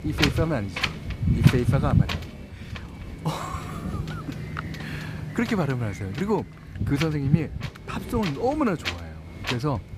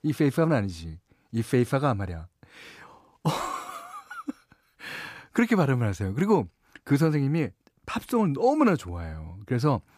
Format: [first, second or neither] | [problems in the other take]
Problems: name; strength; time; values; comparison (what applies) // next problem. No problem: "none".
second | wind noise on the microphone; heavy; 2 dB below the speech